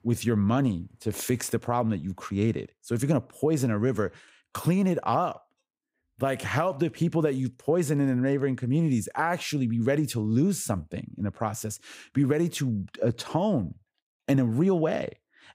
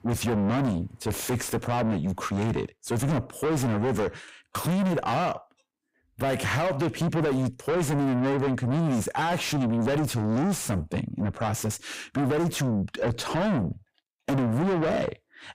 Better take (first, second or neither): first